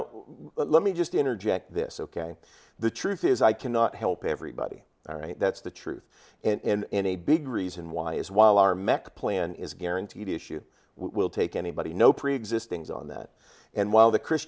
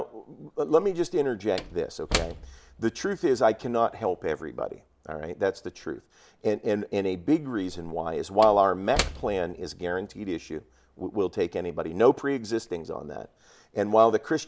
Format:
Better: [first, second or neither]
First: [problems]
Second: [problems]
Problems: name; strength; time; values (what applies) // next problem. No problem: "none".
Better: first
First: none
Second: background sound (Slam / Wood); 14 dB below the speech